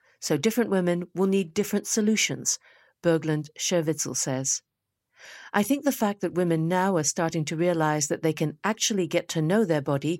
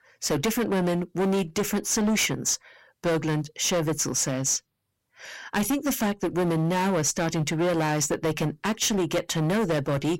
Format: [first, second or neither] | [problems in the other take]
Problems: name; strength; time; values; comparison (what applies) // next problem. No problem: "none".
first | distortion; heavy; 19% of the sound clipped